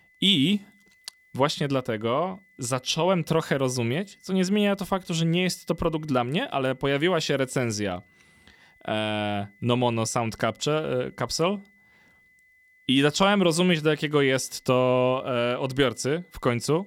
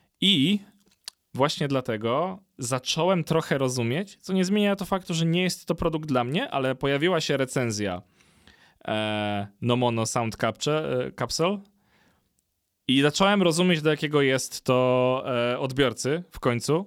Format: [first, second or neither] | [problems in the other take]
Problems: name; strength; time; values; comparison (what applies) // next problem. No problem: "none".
second | high-pitched whine; faint; throughout; 2 kHz, 35 dB below the speech